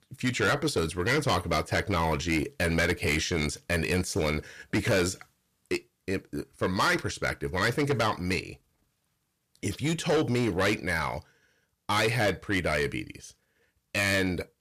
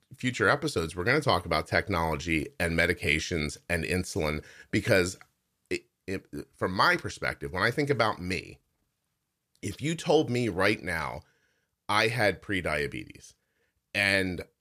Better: second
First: distortion; heavy; 7 dB below the speech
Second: none

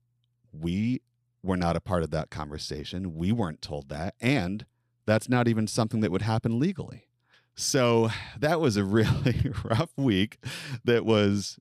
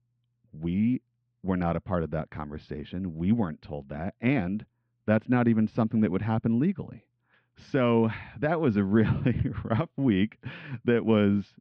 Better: first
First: none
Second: muffled; very; fading above 2.5 kHz

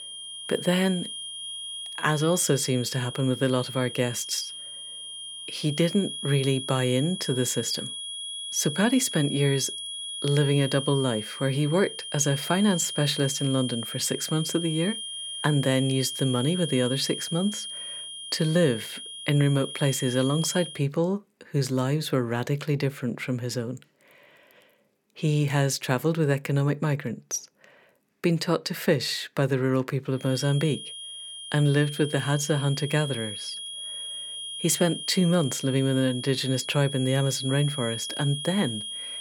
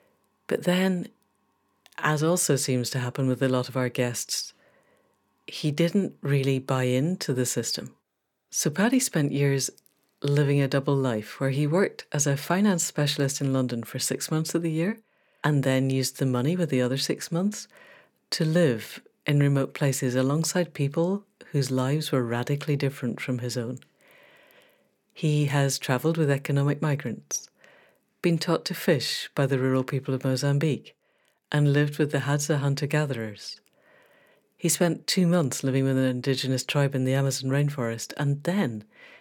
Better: second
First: high-pitched whine; loud; until 21 s and from 30 s on; 3 kHz, 8 dB below the speech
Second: none

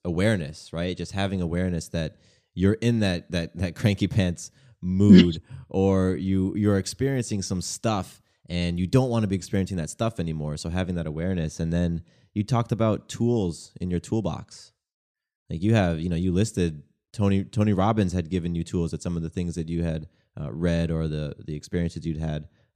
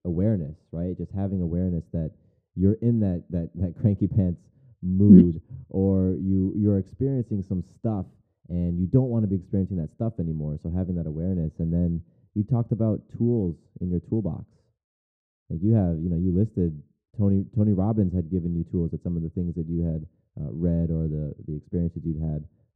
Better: first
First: none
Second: muffled; very; fading above 1 kHz

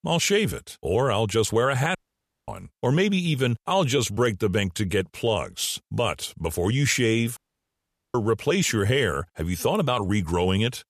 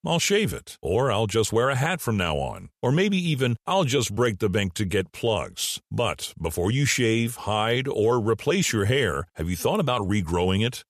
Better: second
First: audio cutting out; at 2 s for 0.5 s and at 7.5 s for 1 s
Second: none

